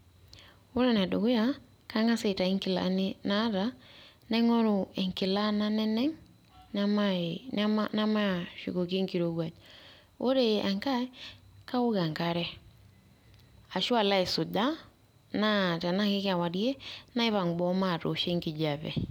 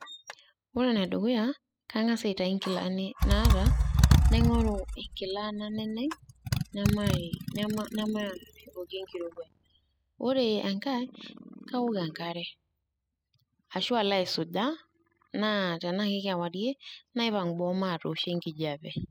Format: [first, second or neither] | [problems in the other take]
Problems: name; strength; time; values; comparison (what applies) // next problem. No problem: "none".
first | noise reduction (classical method spectral subtraction)